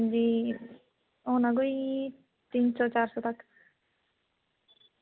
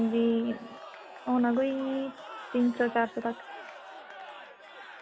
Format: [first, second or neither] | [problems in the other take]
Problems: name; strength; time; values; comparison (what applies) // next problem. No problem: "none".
first | background sound (Crowd / Cheering); 15 dB below the speech